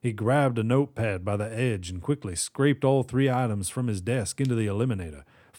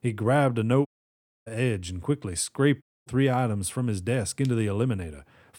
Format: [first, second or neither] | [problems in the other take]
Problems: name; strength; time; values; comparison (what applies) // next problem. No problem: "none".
first | audio cutting out; at 1 s for 0.5 s and at 3 s